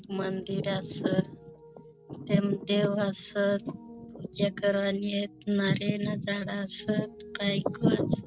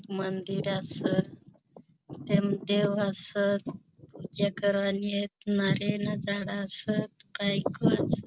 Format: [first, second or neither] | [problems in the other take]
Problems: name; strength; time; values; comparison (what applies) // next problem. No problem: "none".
second | background sound (Piano); 19 dB below the speech